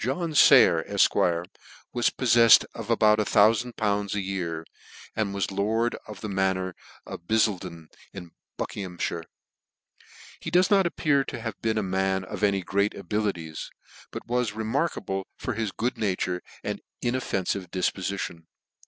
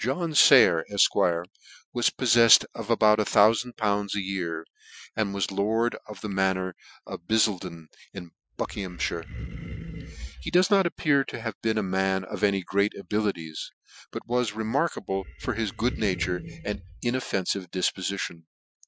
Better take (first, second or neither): first